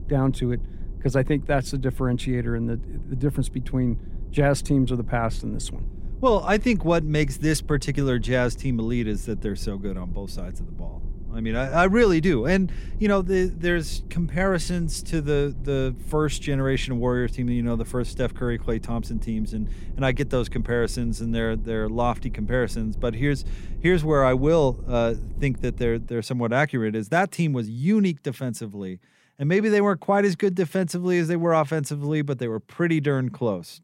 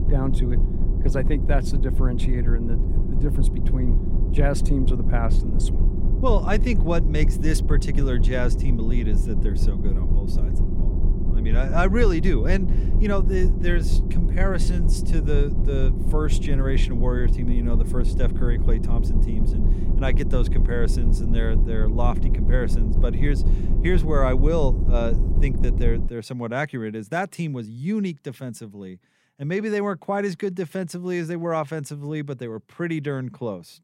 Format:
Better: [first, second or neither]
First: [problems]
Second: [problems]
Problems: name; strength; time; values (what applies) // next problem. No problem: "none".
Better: first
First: low rumble; faint; until 26 s; 25 dB below the speech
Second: low rumble; loud; until 26 s; 8 dB below the speech